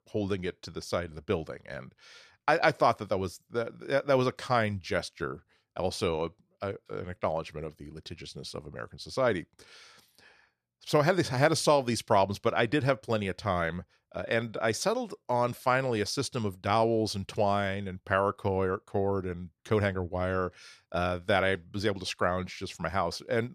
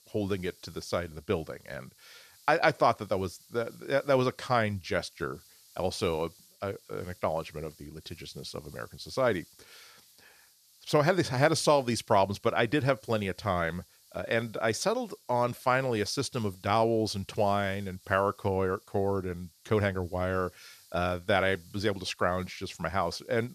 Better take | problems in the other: first | hiss; faint; throughout; 25 dB below the speech

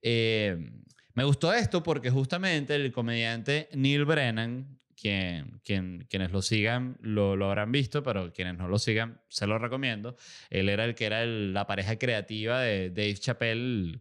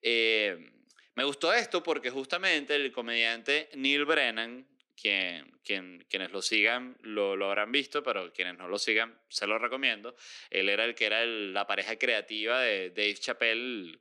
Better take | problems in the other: first | thin; somewhat; fading below 300 Hz

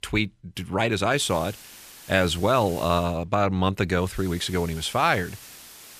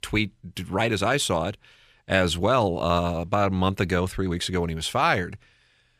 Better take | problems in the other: second | hiss; noticeable; from 1 to 3 s and from 4 s on; 20 dB below the speech

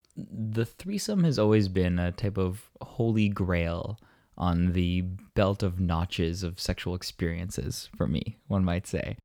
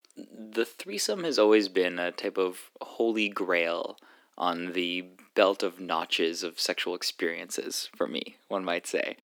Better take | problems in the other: first | thin; very; fading below 300 Hz

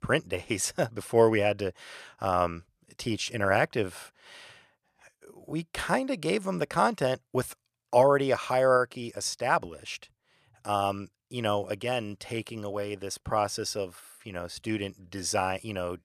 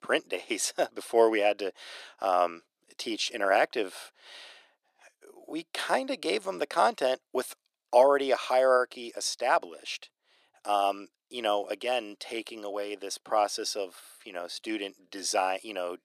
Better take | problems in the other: first | thin; somewhat; fading below 300 Hz

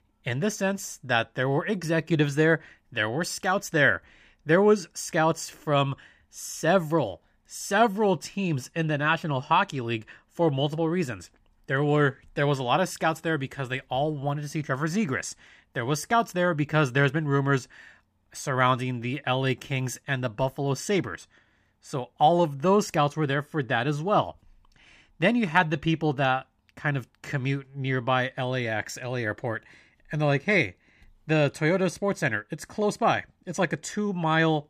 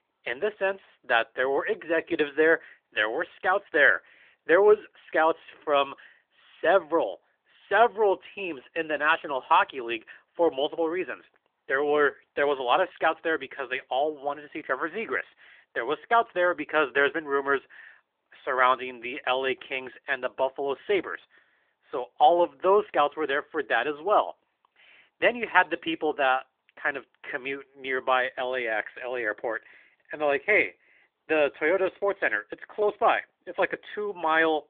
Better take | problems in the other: first | phone-call audio; nothing above 3.5 kHz

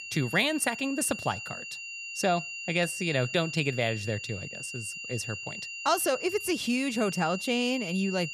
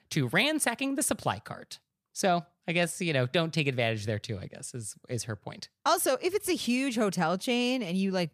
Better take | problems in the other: second | high-pitched whine; loud; throughout; 3 kHz, 7 dB below the speech

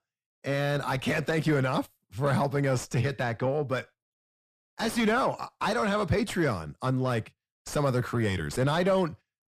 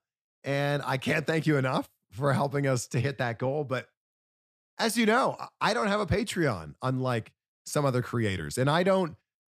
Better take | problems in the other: second | distortion; slight; 10 dB below the speech

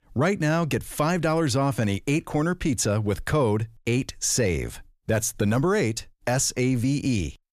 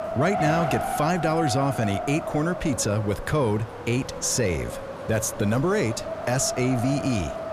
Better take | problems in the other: first | wind noise on the microphone; heavy; 3 dB below the speech

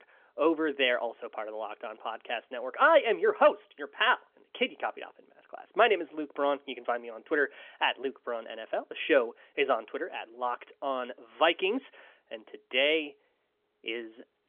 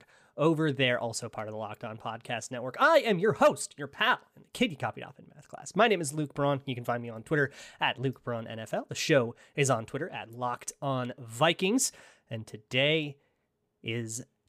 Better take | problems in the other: second | phone-call audio; nothing above 3.5 kHz

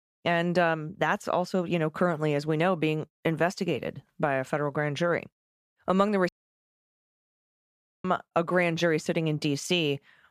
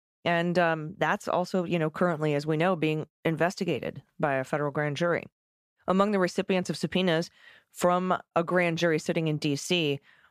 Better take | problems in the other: second | audio cutting out; at 6.5 s for 1.5 s

